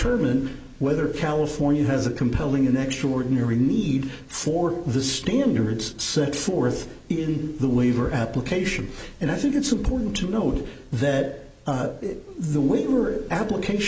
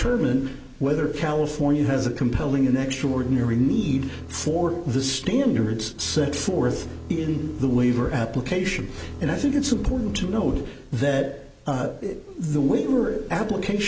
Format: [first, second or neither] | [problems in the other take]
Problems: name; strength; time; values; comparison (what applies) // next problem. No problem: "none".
first | background sound (Bowed string instrument); 15 dB below the speech